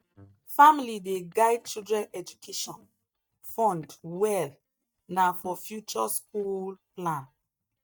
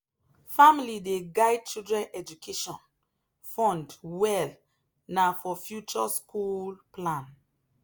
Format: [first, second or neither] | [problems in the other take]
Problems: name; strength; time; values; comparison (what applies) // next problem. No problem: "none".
second | noise reduction (neural mask model DeepFilterNet 3)